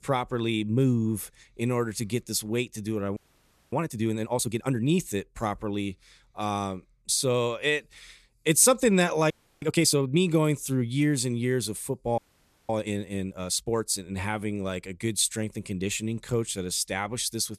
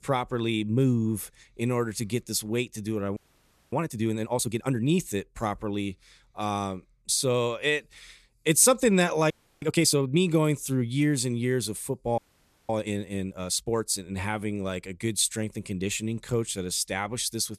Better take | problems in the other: neither | audio freezing; at 3 s for 0.5 s, at 9.5 s and at 12 s for 0.5 s; the same in both

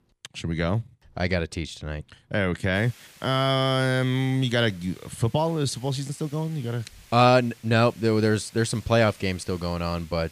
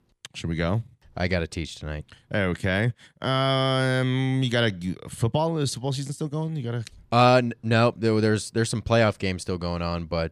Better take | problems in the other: second | hiss; faint; from 3 s on; 25 dB below the speech

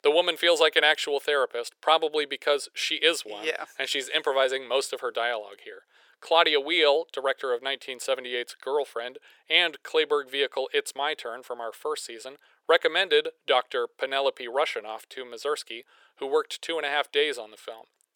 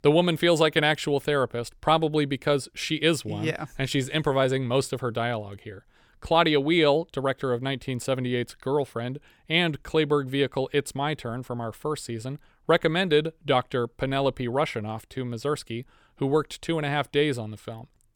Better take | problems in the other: second | thin; very; fading below 450 Hz

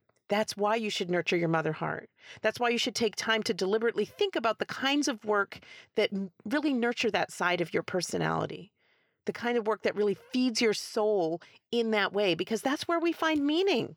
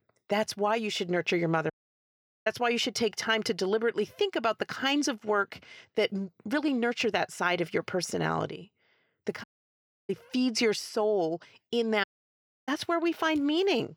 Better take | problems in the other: first | audio cutting out; at 1.5 s for 1 s, at 9.5 s for 0.5 s and at 12 s for 0.5 s

